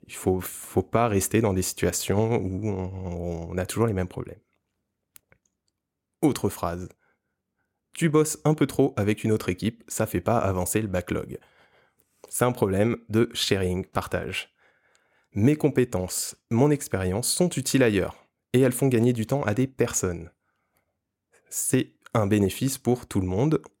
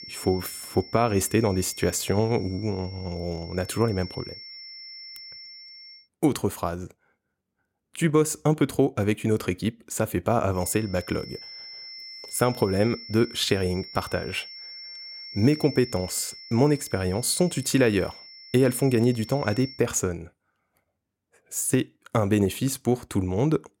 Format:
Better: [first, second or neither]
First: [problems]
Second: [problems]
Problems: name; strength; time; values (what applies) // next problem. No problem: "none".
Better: first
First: none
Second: high-pitched whine; noticeable; until 6 s and from 11 to 20 s; 5.5 kHz, 15 dB below the speech